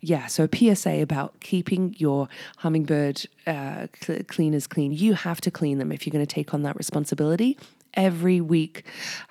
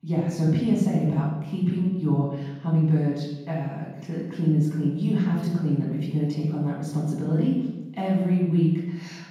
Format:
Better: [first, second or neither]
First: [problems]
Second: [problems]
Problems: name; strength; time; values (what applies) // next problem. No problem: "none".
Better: first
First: none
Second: room echo; strong; dies away in 1.3 s // off-mic speech; far